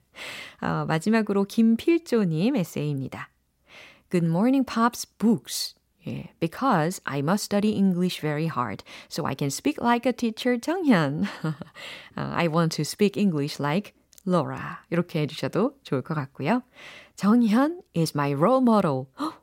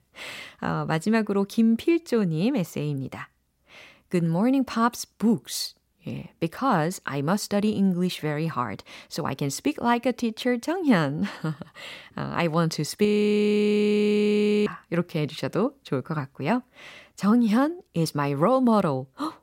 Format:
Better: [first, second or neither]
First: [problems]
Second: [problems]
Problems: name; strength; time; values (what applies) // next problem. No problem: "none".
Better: first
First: none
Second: audio freezing; at 13 s for 1.5 s